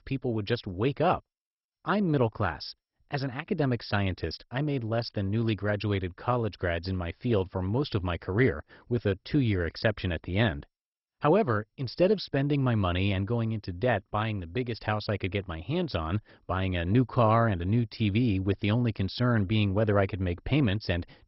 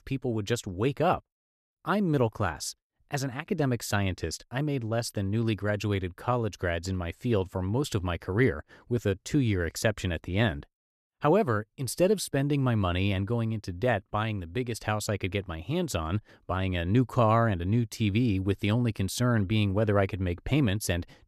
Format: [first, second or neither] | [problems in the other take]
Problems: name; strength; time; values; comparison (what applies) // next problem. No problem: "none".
second | garbled, watery; badly; nothing above 5.5 kHz